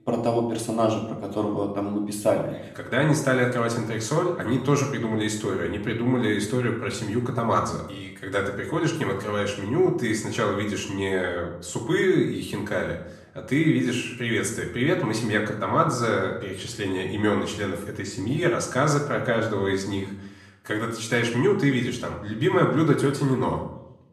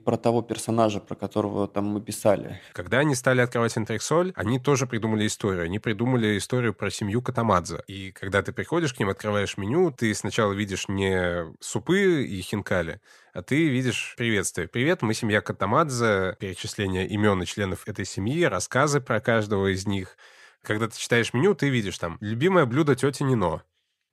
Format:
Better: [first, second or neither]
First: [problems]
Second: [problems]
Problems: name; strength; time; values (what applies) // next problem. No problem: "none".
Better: second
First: room echo; slight; dies away in 0.6 s // off-mic speech; far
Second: none